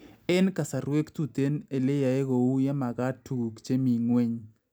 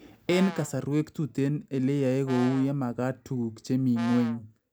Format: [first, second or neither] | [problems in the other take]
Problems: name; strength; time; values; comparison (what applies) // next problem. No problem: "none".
first | background sound (Brass instrument); 15 dB below the speech